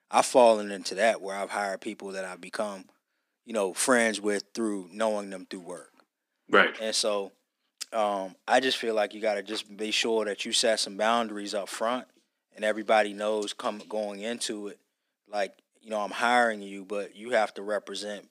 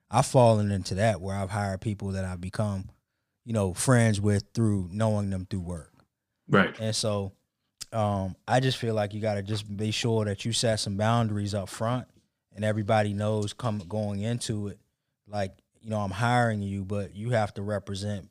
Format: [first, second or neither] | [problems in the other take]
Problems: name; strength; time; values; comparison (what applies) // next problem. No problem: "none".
second | thin; somewhat; fading below 250 Hz